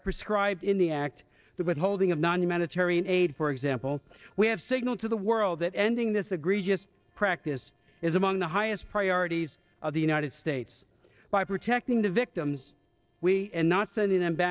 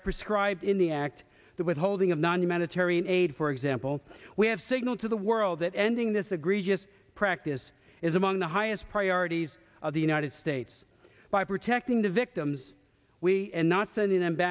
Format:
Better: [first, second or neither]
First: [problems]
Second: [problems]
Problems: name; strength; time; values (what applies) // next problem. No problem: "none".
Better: second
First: noise reduction (neural separator model SepFormer DNS4)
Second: none